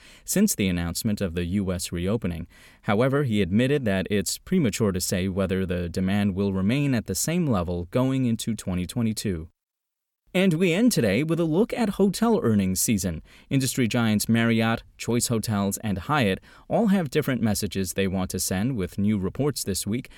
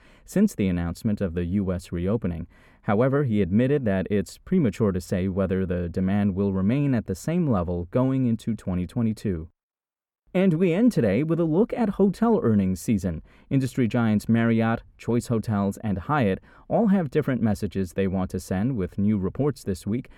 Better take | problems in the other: first | muffled; slightly; fading above 2.5 kHz

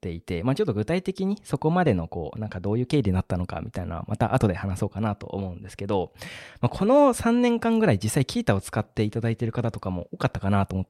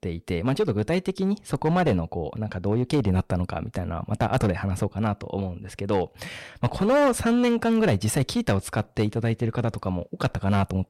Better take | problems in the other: first | distortion; slight; 7% of the sound clipped

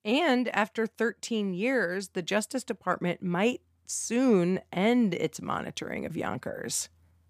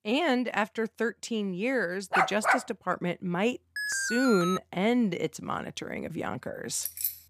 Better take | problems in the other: first | dog barking; loud; at 2 s; peak 6 dB above the speech // alarm; noticeable; at 4 s; peak level with the speech // jangling keys; noticeable; at 7 s; peak 1 dB below the speech

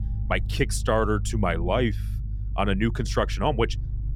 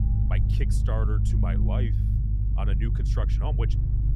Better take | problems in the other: first | low rumble; loud; throughout; 2 dB below the speech; faint in the first

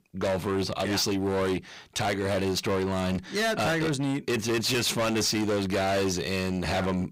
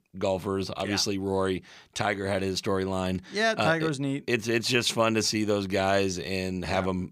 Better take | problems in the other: second | distortion; heavy; 25% of the sound clipped

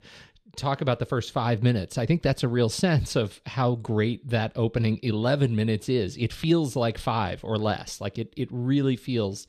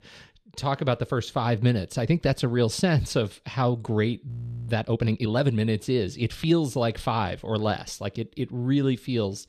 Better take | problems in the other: first | audio freezing; at 4.5 s

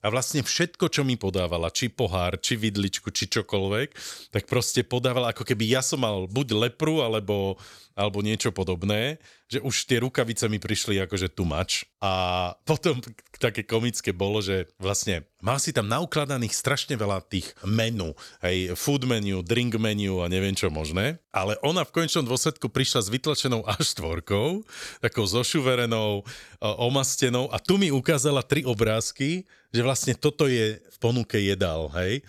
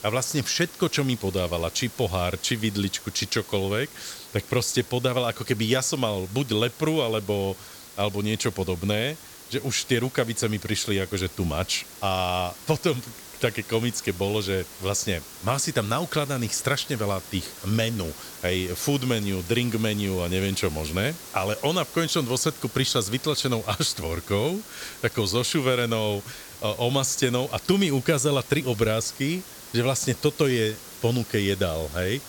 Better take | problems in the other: first | hiss; noticeable; throughout; 15 dB below the speech

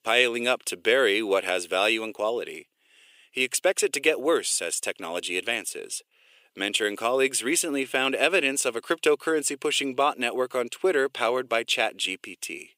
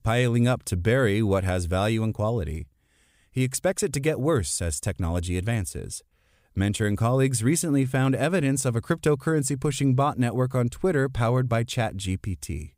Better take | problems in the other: second | thin; very; fading below 350 Hz

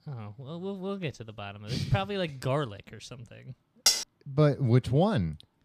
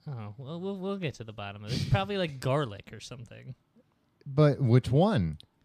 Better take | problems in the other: second | clattering dishes; loud; at 4 s; peak 5 dB above the speech

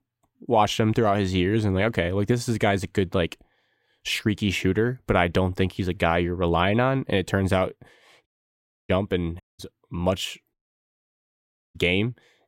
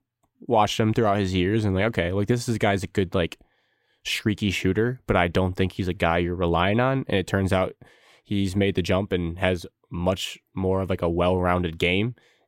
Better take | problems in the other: second | audio cutting out; at 8.5 s for 0.5 s, at 9.5 s and at 11 s for 1 s

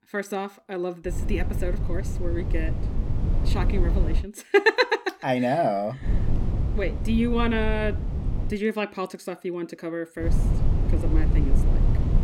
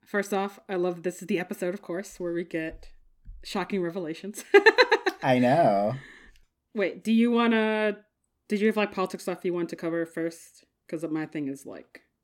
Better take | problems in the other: second | wind noise on the microphone; occasional gusts; from 1 to 4 s, from 6 to 8.5 s and from 10 s on; 10 dB below the speech

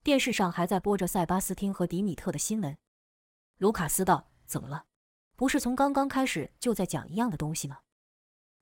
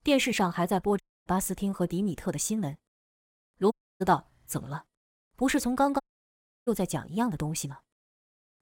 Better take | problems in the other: first | audio cutting out; at 1 s, at 3.5 s and at 6 s for 0.5 s

